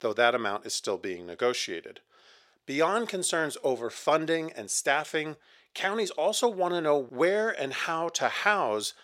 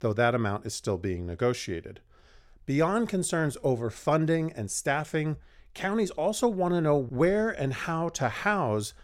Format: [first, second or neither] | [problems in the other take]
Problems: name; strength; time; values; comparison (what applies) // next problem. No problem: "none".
second | thin; somewhat; fading below 400 Hz